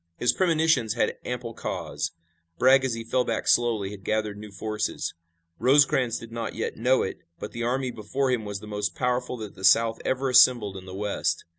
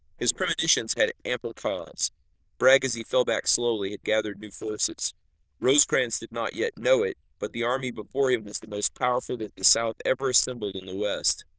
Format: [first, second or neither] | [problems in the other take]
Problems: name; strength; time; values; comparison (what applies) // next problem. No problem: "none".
first | noise reduction (neural diffusion model UNIVERSE++)